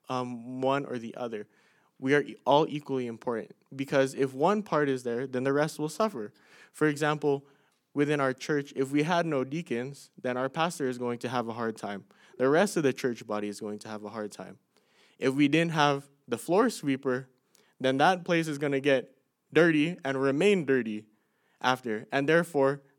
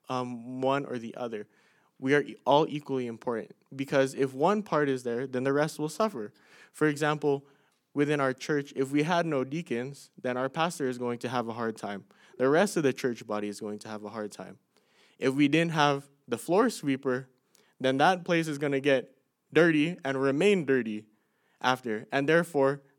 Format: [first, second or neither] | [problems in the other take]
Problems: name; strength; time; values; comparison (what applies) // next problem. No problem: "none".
neither | none